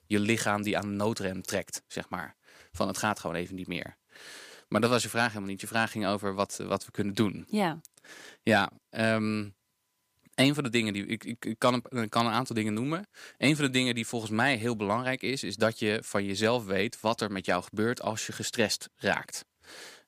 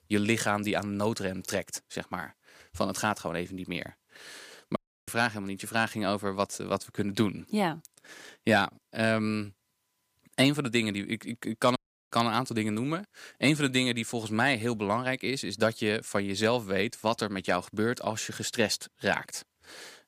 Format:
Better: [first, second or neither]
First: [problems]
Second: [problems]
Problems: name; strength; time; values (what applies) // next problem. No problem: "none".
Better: first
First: none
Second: audio cutting out; at 5 s and at 12 s